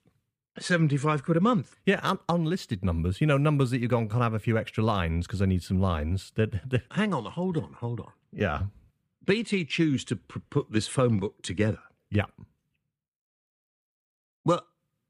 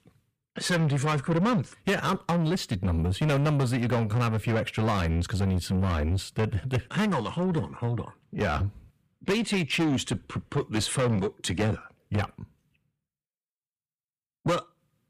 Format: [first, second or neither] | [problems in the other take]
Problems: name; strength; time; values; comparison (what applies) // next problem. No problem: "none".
first | distortion; heavy; 7 dB below the speech